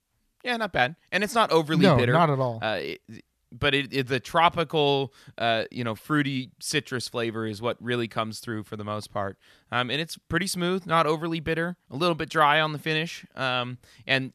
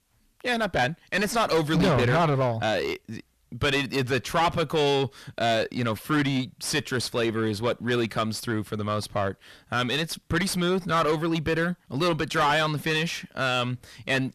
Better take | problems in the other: first | distortion; heavy; 6 dB below the speech

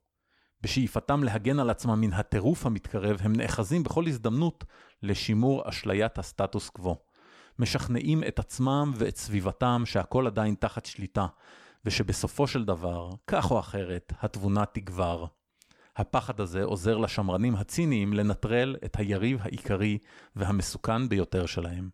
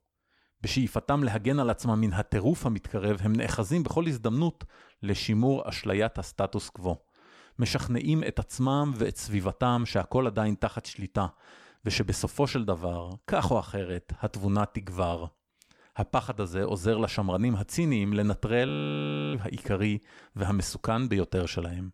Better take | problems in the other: first | audio freezing; at 19 s for 0.5 s

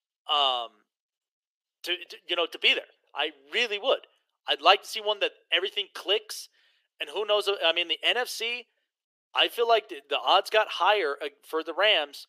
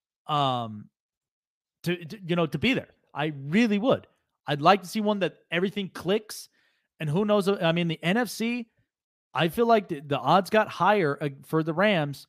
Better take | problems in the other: second | thin; very; fading below 400 Hz

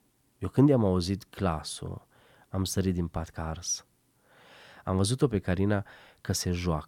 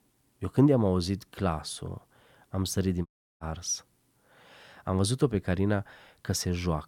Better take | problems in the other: first | audio cutting out; at 3 s

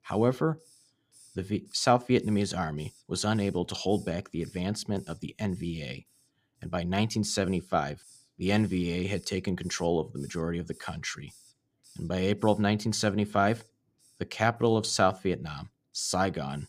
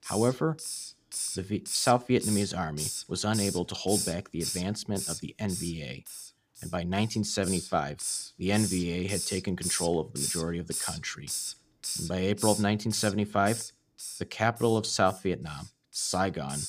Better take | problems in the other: first | hiss; loud; throughout; 5 dB below the speech; faint in the first

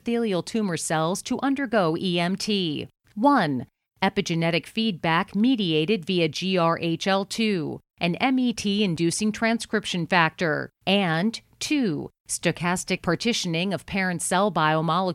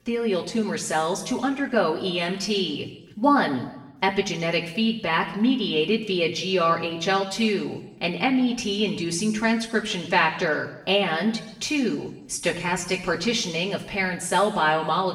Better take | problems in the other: first | room echo; slight; dies away in 0.9 s // off-mic speech; far

